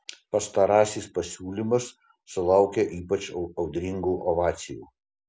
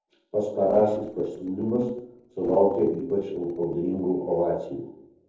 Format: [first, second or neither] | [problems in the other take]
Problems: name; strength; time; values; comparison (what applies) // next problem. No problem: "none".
first | noise reduction (neural separator model SepFormer DNS4)